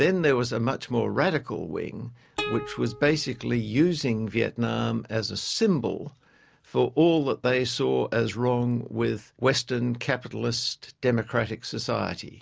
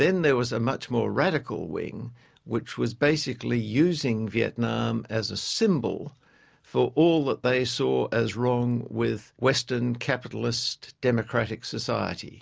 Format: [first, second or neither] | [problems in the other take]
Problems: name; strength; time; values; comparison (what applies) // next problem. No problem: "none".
second | background sound (Plucked string instrument); 12 dB below the speech